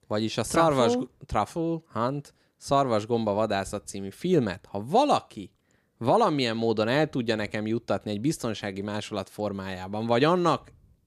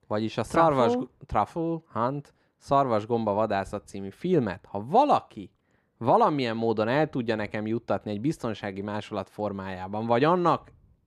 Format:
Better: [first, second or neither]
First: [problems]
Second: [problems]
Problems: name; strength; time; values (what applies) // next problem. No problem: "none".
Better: first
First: none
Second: muffled; slightly; fading above 3.5 kHz